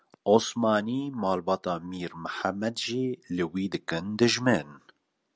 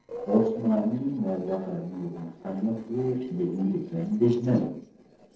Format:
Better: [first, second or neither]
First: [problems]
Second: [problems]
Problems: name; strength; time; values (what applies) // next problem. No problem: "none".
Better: first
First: none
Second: noise reduction (neural separator model SepFormer DNS4)